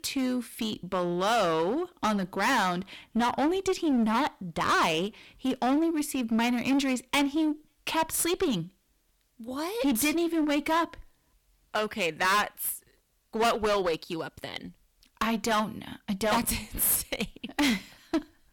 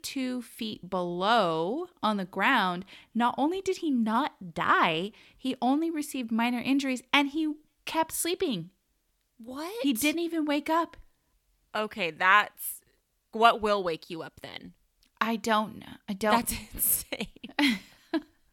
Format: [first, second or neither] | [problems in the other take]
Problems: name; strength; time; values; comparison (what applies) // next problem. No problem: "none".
second | distortion; heavy; 12% of the sound clipped